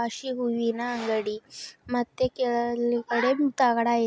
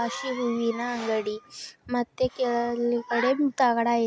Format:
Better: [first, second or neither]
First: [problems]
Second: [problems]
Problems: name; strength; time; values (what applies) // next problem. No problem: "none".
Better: first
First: none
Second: background sound (Cough); 18 dB below the speech